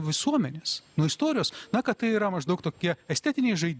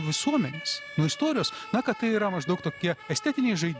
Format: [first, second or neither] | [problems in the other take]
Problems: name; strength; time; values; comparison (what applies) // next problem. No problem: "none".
first | background sound (Siren); 15 dB below the speech